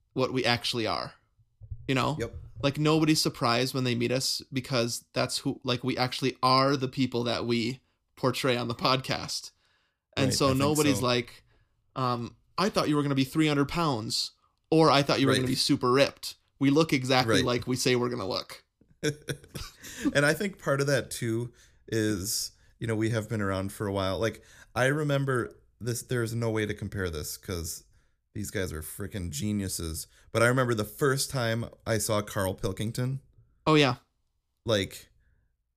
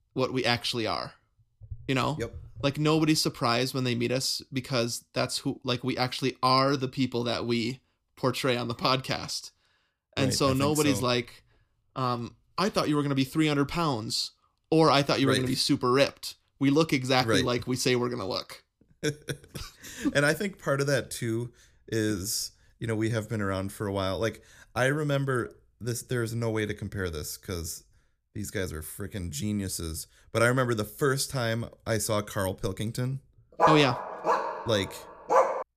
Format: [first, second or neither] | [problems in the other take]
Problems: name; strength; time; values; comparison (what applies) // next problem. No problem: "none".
first | dog barking; loud; from 34 s on; peak 4 dB above the speech